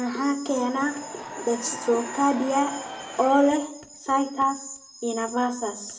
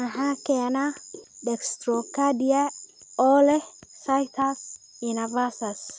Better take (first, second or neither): second